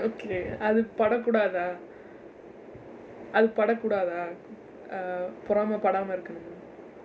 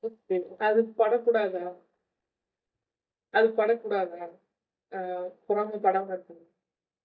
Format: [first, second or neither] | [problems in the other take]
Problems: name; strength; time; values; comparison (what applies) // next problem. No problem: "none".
first | noise reduction (neural mask model DeepFilterNet 3)